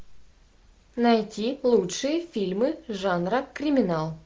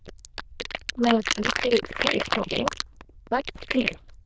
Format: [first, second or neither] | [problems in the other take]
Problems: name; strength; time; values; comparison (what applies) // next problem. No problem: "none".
first | noise reduction (neural diffusion model UNIVERSE++)